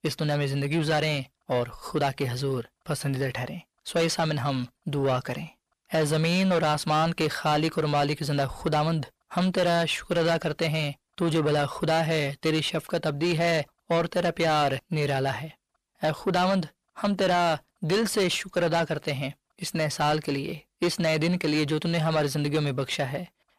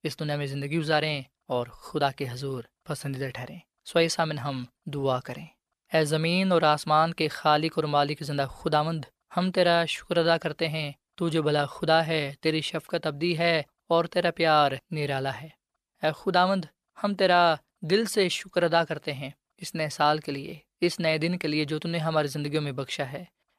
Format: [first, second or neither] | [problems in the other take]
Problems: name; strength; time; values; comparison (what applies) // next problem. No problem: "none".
second | distortion; heavy; 7 dB below the speech